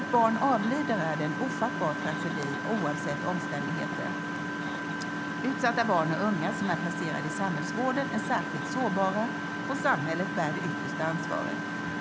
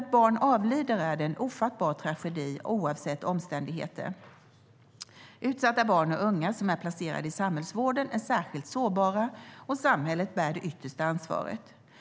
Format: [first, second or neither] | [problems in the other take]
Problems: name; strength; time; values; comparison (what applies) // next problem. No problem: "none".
second | background sound (Engine); 2 dB below the speech